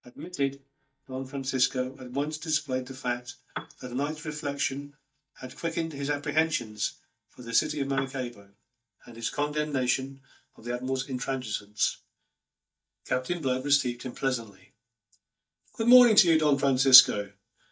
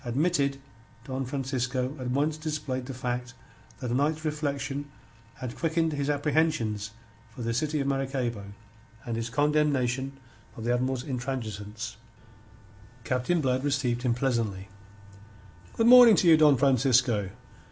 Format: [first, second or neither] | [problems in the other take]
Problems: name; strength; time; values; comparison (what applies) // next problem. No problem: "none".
second | noise reduction (neural mask model DeepFilterNet 3)